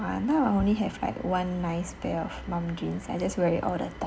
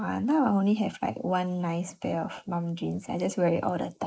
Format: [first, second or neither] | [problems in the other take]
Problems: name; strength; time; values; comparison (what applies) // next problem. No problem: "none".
first | noise reduction (neural mask model Resemble Enhance denoiser)